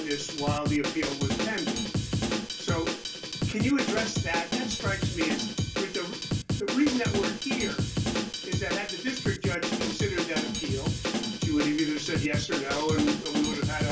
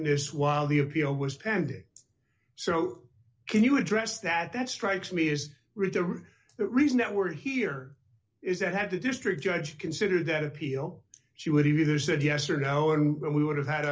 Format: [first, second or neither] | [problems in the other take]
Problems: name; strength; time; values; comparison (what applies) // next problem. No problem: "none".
second | background sound (Drum kit); 1 dB above the speech // room echo; dies away in 0.2 s